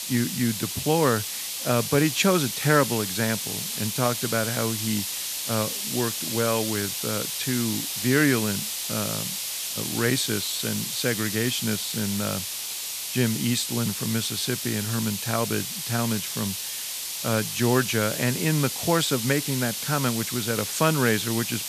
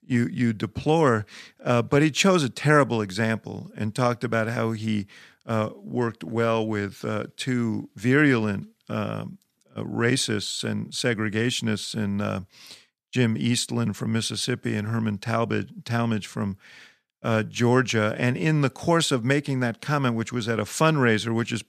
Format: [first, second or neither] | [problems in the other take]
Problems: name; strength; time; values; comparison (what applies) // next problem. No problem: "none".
second | hiss; loud; throughout; 2 dB below the speech